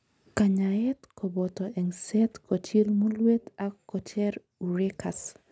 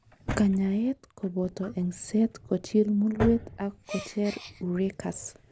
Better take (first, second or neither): first